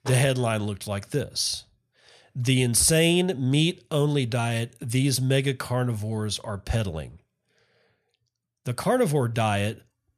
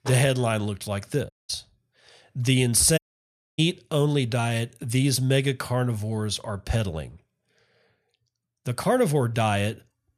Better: first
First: none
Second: audio cutting out; at 1.5 s and at 3 s for 0.5 s

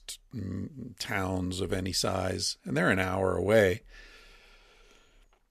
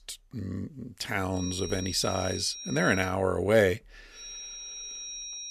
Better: first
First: none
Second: high-pitched whine; loud; from 1.5 to 3 s and from 4 s on; 5.5 kHz, 9 dB below the speech

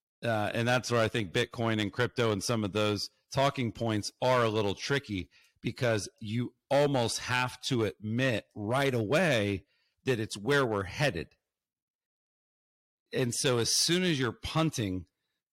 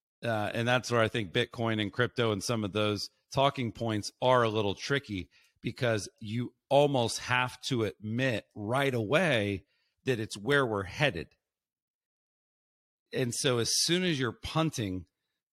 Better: second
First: distortion; slight; 3% of the sound clipped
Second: none

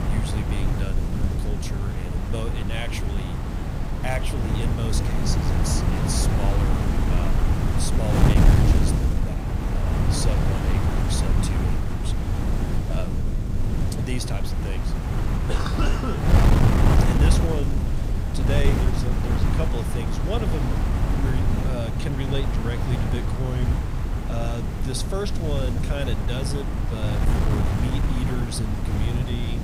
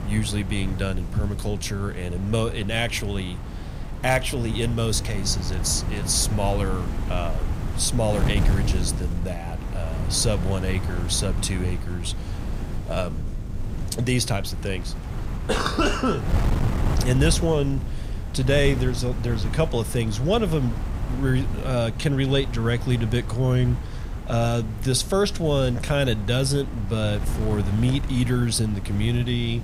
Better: second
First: wind noise on the microphone; heavy; 2 dB above the speech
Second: wind noise on the microphone; occasional gusts; 10 dB below the speech

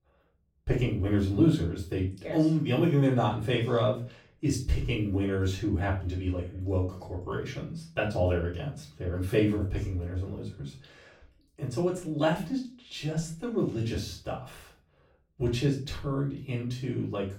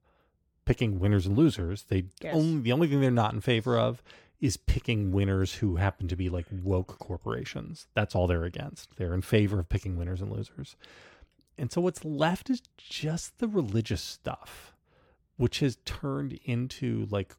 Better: second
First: off-mic speech; far // room echo; slight; dies away in 0.3 s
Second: none

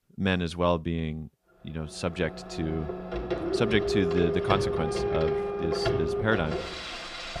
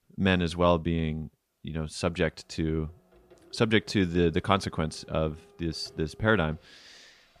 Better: second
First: household noises; loud; from 2 s on; 1 dB below the speech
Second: household noises; faint; from 2 s on; 30 dB below the speech

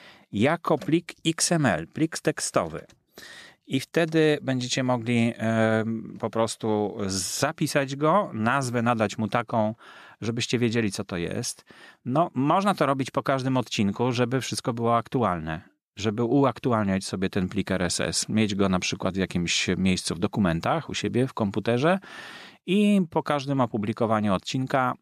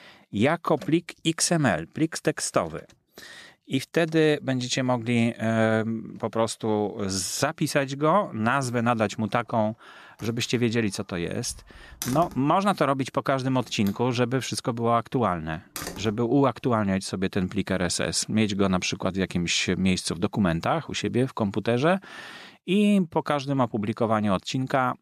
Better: first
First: none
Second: door banging; noticeable; from 10 to 16 s; peak 9 dB below the speech

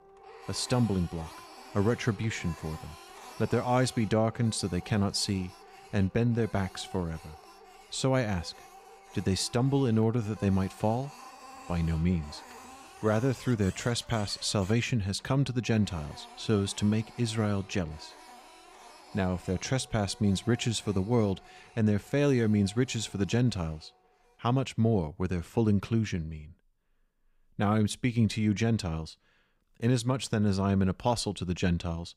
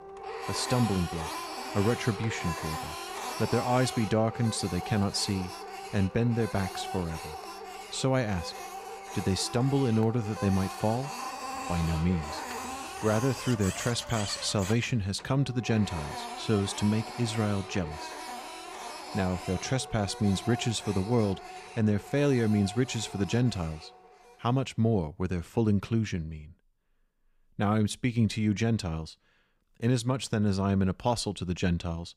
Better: first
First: household noises; faint; until 24 s; 20 dB below the speech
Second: household noises; loud; until 24 s; 9 dB below the speech

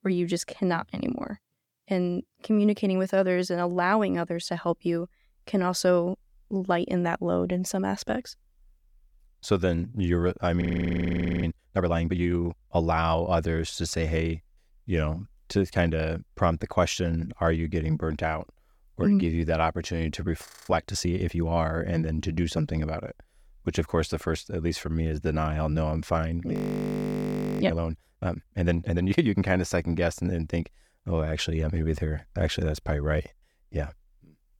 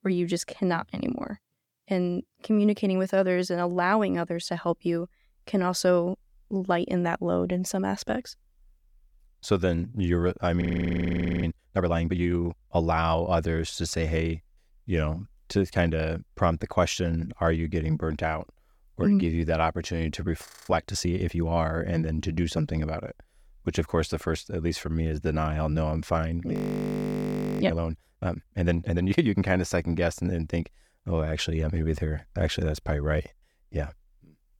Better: neither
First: audio freezing; at 11 s for 1 s, at 20 s and at 27 s for 1 s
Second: audio freezing; at 11 s for 1 s, at 20 s and at 27 s for 1 s

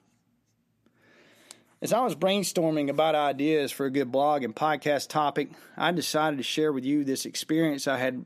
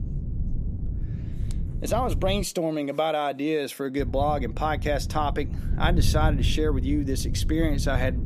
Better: first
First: none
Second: wind noise on the microphone; occasional gusts; until 2.5 s and from 4 s on; 15 dB below the speech

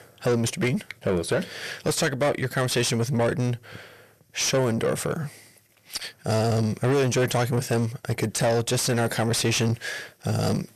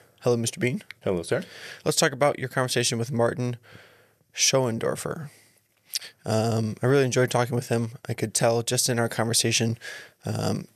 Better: second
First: distortion; heavy; 8 dB below the speech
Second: none

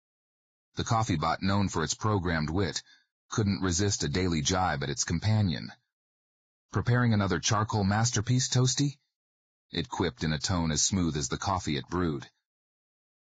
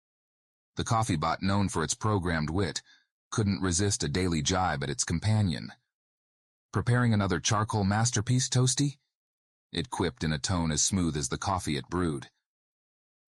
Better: second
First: garbled, watery; badly; nothing above 7.5 kHz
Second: garbled, watery; slightly; nothing above 10.5 kHz

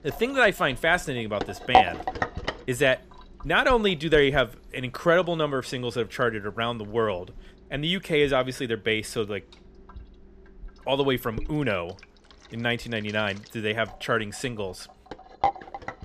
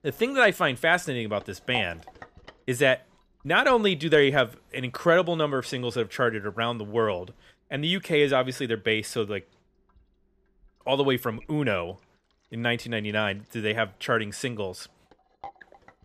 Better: second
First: household noises; loud; throughout; 4 dB below the speech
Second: household noises; faint; throughout; 20 dB below the speech

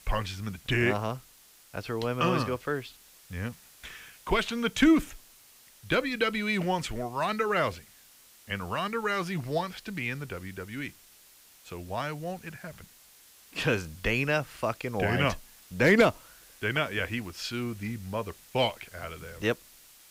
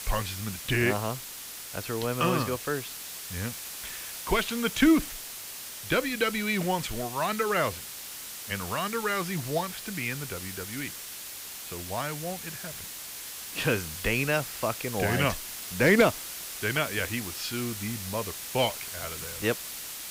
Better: first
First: hiss; faint; throughout; 25 dB below the speech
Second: hiss; loud; throughout; 8 dB below the speech

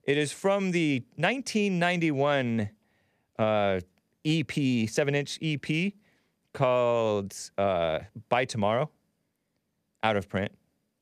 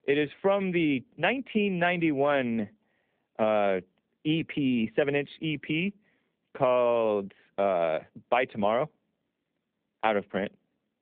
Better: first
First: none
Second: phone-call audio

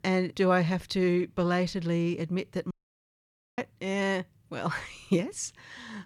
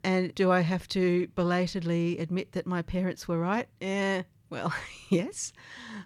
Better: second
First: audio cutting out; at 2.5 s for 1 s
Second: none

